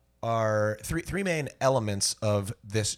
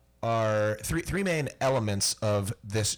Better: first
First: none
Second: distortion; slight; 10 dB below the speech

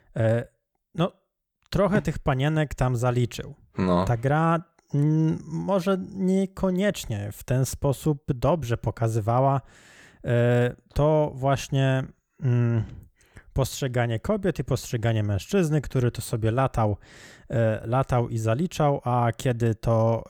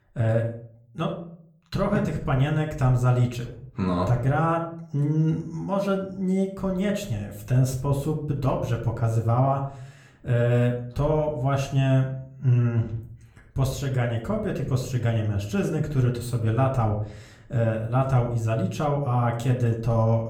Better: first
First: none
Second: off-mic speech; somewhat distant // room echo; slight; dies away in 0.5 s

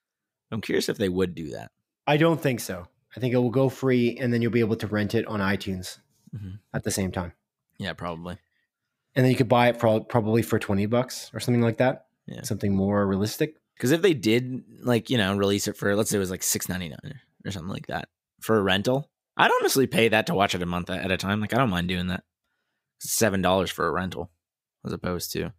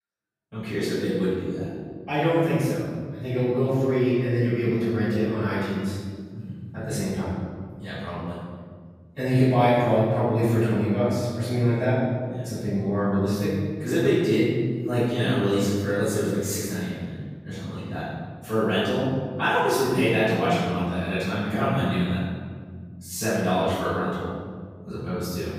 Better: first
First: none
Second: off-mic speech; far // room echo; strong; dies away in 2.1 s

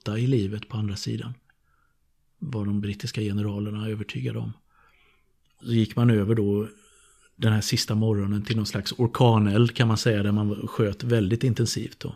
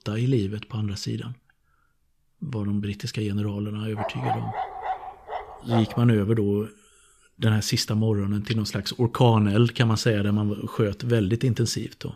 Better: first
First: none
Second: dog barking; noticeable; from 4 to 6 s; peak 5 dB below the speech

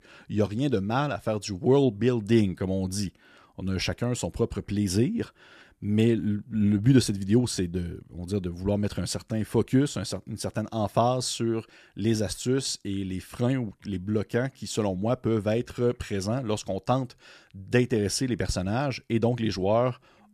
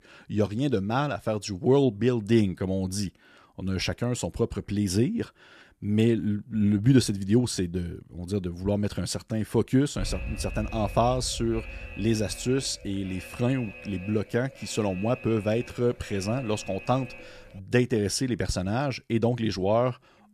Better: first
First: none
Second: alarm; noticeable; from 10 to 17 s; peak 8 dB below the speech

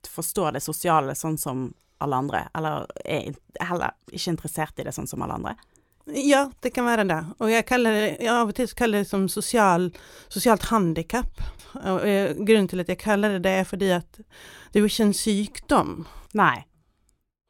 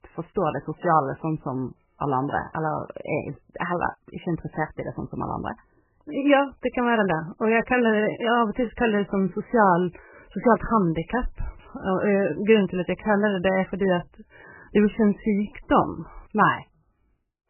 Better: first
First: none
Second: garbled, watery; badly; nothing above 3 kHz

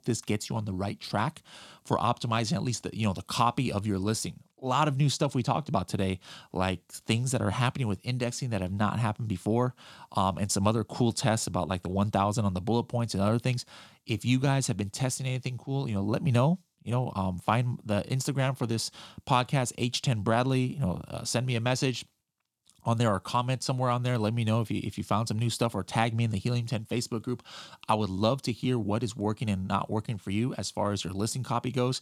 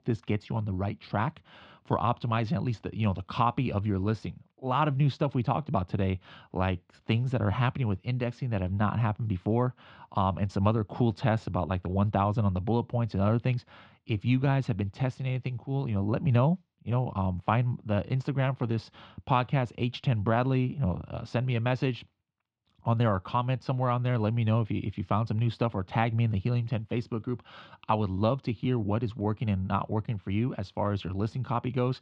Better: first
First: none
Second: muffled; very; fading above 3 kHz

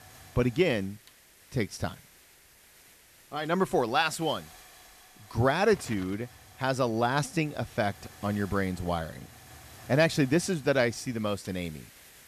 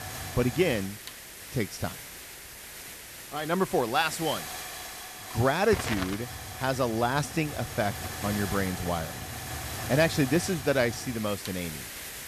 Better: first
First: hiss; faint; throughout; 20 dB below the speech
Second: hiss; loud; throughout; 8 dB below the speech

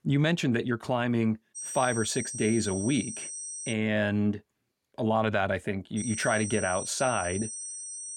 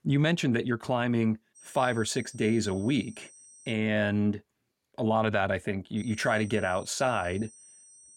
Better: second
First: high-pitched whine; loud; from 1.5 to 3.5 s and from 6 s on; 8.5 kHz, 7 dB below the speech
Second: high-pitched whine; faint; from 1.5 to 3.5 s and from 6 s on; 8.5 kHz, 20 dB below the speech

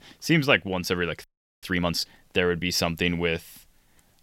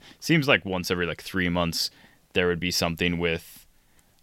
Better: second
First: audio freezing; at 1 s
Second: none

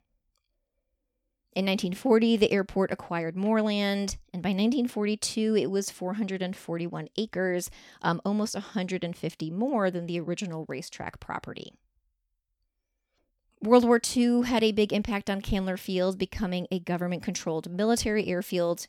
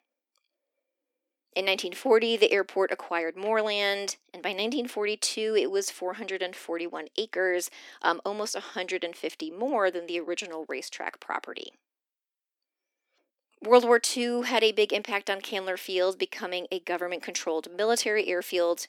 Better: first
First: none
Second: thin; somewhat; fading below 300 Hz

